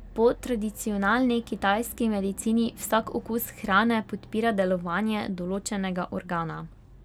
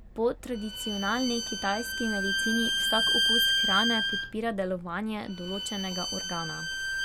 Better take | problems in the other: first | background sound (Bowed string instrument); 1 dB above the speech

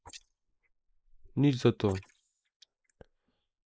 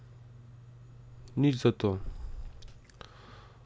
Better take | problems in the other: second | noise reduction (neural mask model Resemble Enhance denoiser)

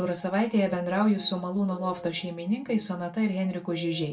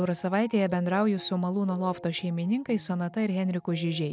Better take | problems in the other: second | room echo; dies away in 0.2 s

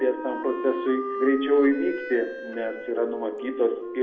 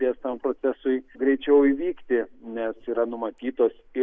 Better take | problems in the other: second | background sound (Wind instrument, woodwind instrument); 8 dB below the speech // room echo; dies away in 0.7 s

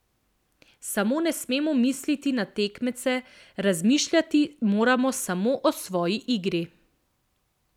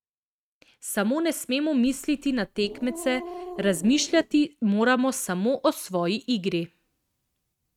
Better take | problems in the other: first | noise reduction (neural mask model RNNoise)

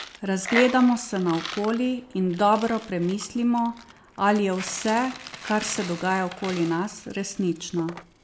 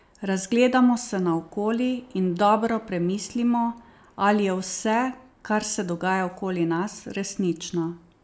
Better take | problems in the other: second | background sound (Coin (dropping)); 13 dB below the speech

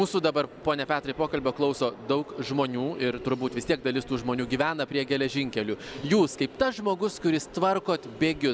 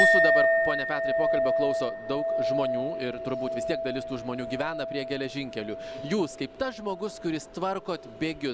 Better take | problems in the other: first | background sound (Chink, clink); 4 dB above the speech

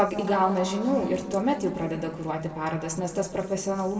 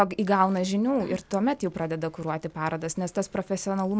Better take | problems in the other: second | room echo; dies away in 1.8 s

